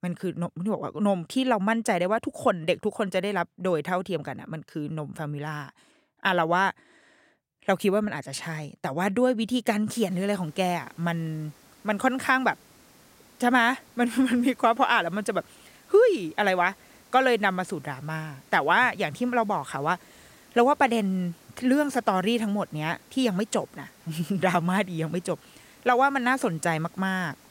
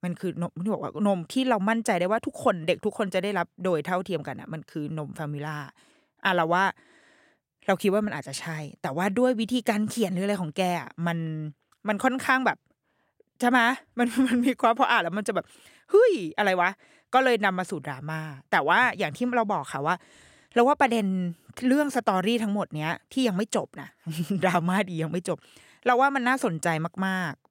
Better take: second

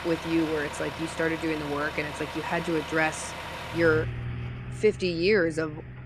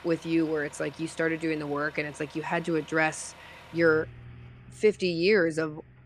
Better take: second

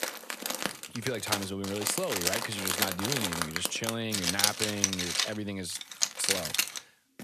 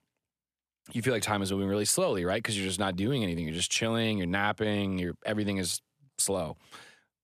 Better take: second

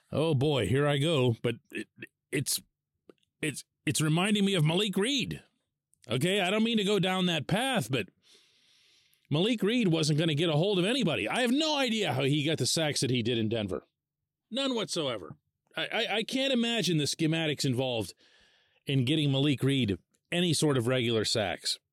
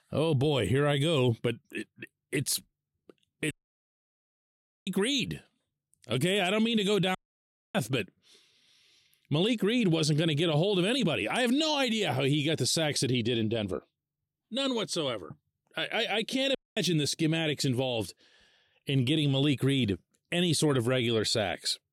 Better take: first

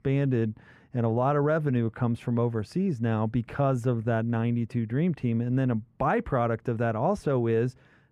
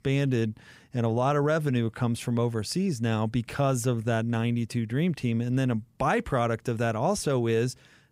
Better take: second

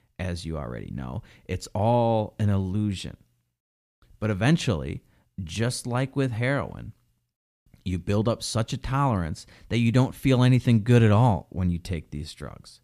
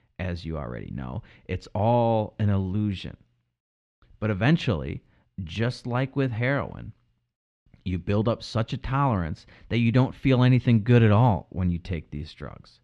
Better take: first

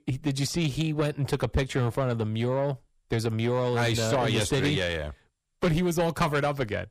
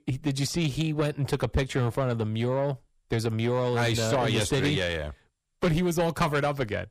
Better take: neither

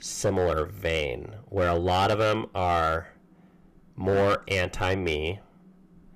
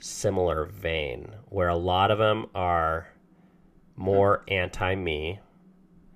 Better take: second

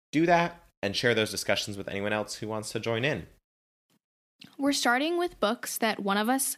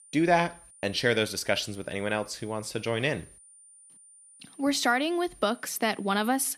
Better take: first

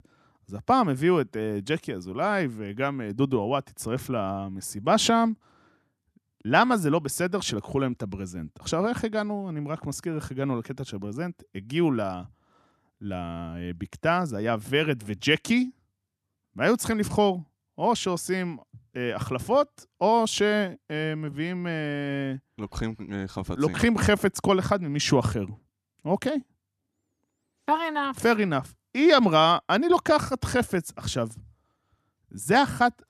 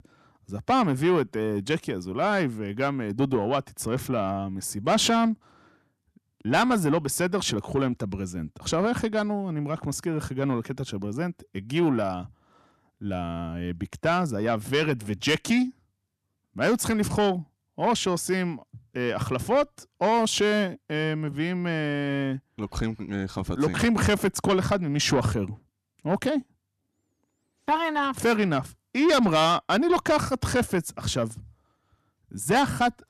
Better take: first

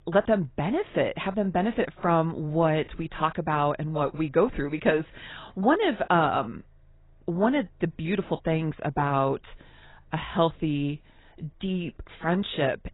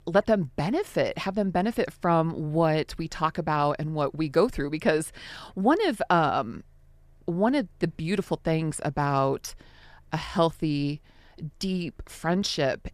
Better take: second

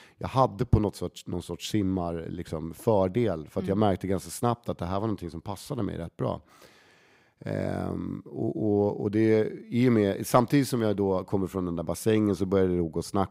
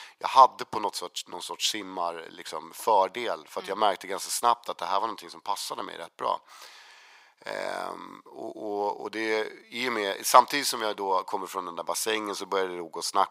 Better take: first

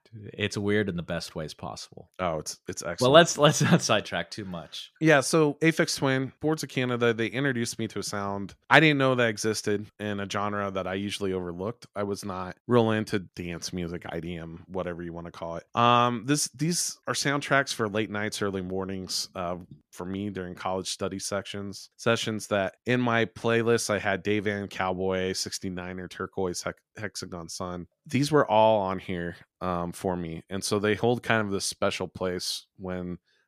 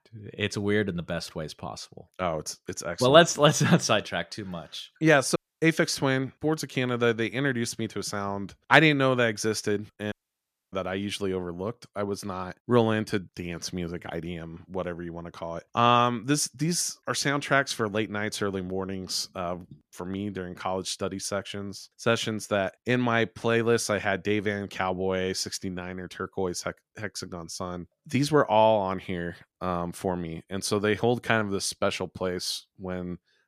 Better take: first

